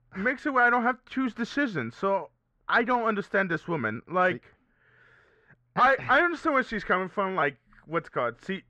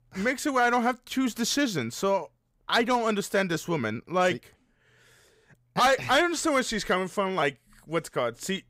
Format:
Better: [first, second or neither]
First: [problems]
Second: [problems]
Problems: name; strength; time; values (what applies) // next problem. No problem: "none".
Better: second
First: muffled; very; fading above 2.5 kHz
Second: none